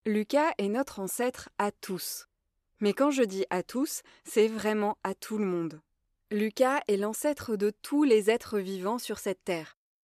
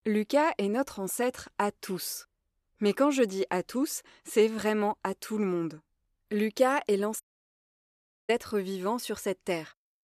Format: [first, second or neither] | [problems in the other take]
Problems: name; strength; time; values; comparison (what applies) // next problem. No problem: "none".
first | audio cutting out; at 7 s for 1 s